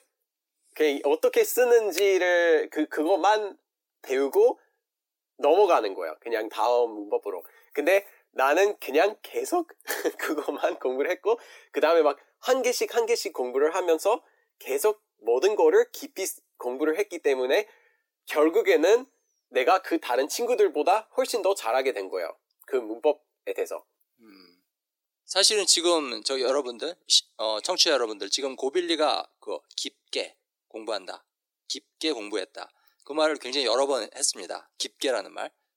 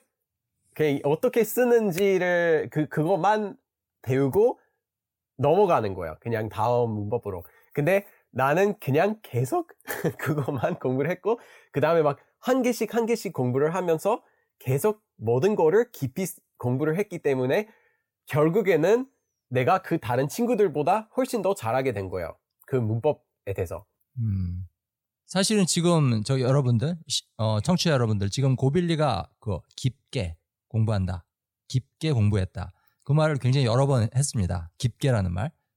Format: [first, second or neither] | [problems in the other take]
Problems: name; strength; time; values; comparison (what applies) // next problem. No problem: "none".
second | thin; very; fading below 300 Hz